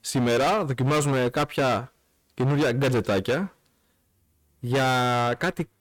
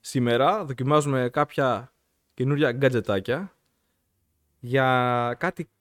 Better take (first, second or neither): second